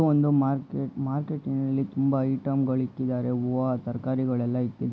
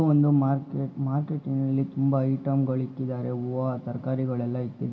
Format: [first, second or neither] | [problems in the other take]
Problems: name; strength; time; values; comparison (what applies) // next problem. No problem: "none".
first | room echo; dies away in 1.5 s